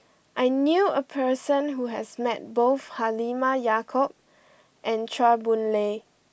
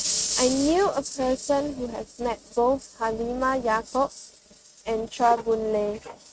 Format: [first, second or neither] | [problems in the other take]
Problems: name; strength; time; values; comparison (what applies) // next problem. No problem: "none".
first | noise reduction (neural mask model RNNoise)